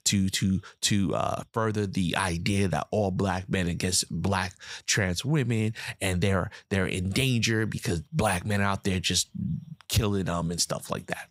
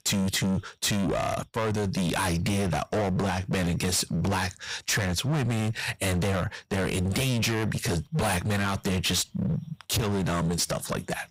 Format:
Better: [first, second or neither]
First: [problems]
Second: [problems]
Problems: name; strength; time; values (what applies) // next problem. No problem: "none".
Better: first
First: none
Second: distortion; heavy; 26% of the sound clipped